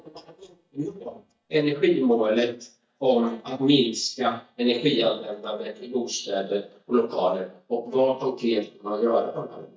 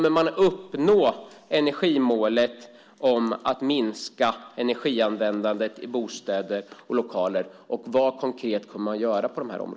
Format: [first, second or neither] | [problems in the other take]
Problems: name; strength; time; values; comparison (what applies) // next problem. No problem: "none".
second | noise reduction (neural mask model DeepFilterNet 3)